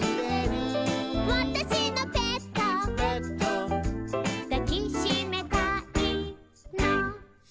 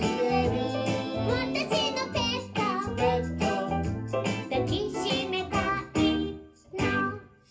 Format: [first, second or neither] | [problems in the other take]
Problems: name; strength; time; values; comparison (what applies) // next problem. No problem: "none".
first | room echo; dies away in 0.3 s